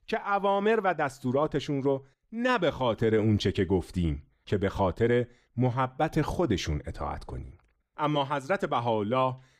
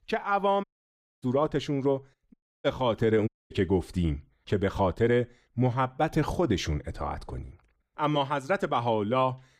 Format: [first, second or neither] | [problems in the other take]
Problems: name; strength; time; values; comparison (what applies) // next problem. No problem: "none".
first | audio cutting out; at 0.5 s for 0.5 s, at 2.5 s and at 3.5 s